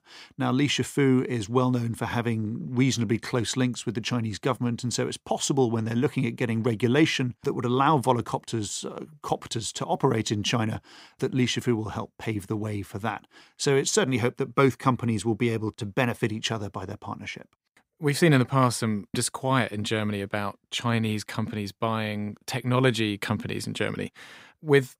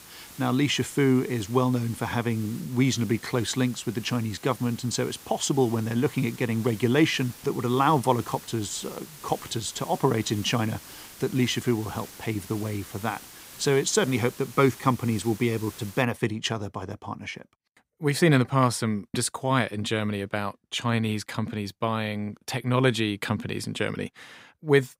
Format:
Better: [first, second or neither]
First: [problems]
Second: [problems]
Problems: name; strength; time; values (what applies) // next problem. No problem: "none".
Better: first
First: none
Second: hiss; noticeable; until 16 s; 15 dB below the speech